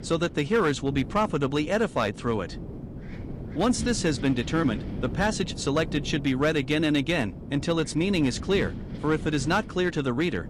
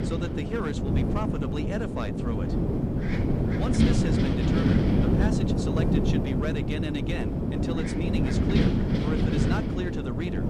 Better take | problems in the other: first | wind noise on the microphone; heavy; 4 dB above the speech; occasional gusts in the first

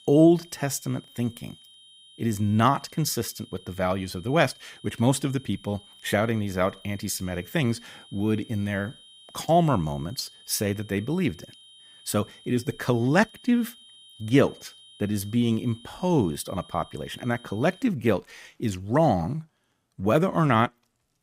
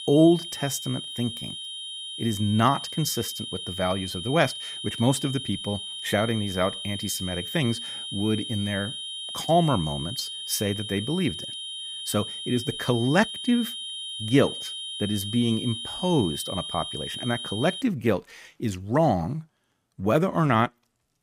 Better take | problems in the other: first | high-pitched whine; loud; until 18 s; 3 kHz, 6 dB below the speech; faint in the first

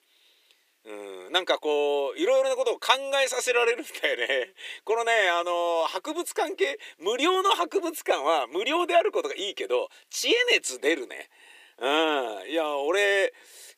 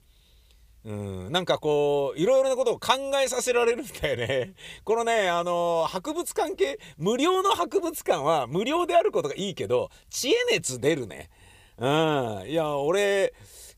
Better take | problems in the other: second | thin; somewhat; fading below 300 Hz

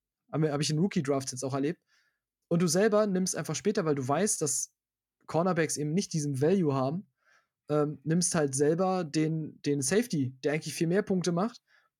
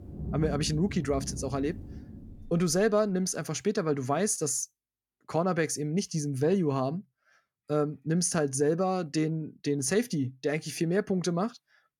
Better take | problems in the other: first | rain or running water; noticeable; until 2.5 s; 10 dB below the speech

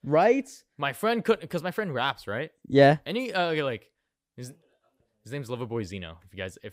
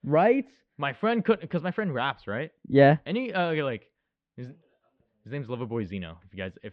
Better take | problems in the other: first | muffled; slightly; fading above 3.5 kHz

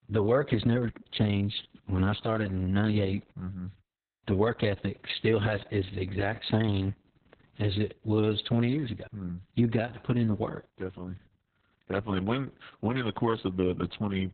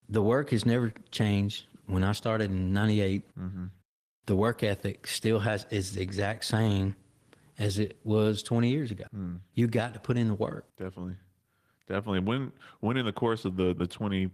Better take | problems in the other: second | garbled, watery; badly; nothing above 4 kHz; slightly in the second

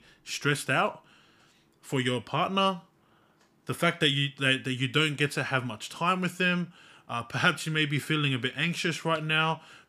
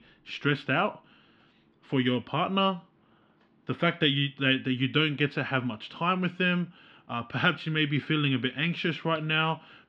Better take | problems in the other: first | muffled; slightly; fading above 3.5 kHz

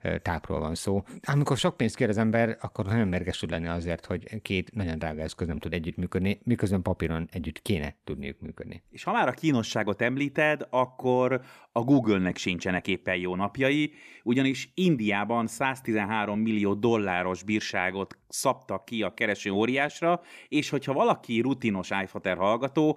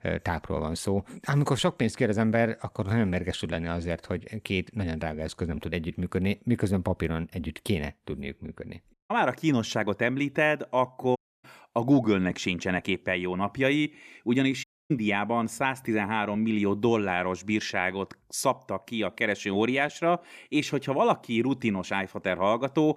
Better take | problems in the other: first | audio cutting out; at 9 s, at 11 s and at 15 s

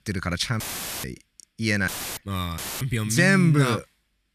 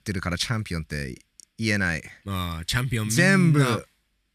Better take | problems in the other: second | audio cutting out; filled with static; at 0.5 s, at 2 s and at 2.5 s

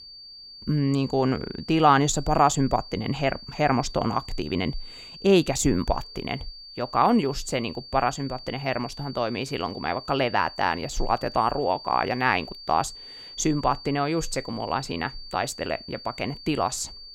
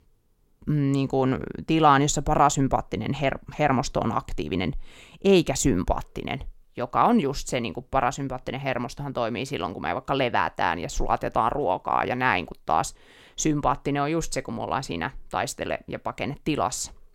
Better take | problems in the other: second | high-pitched whine; noticeable; throughout; 4.5 kHz, 15 dB below the speech

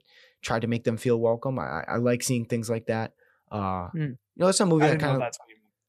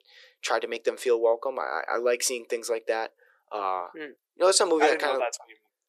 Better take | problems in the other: first | thin; very; fading below 350 Hz

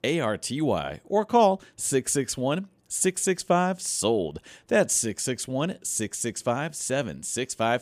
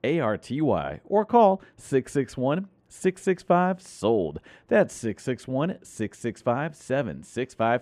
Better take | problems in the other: first | muffled; very; fading above 3.5 kHz

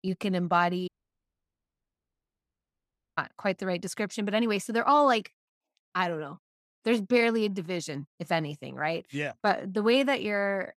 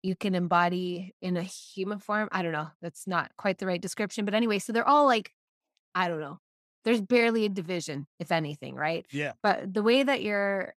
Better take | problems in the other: second | audio cutting out; at 1 s for 2.5 s

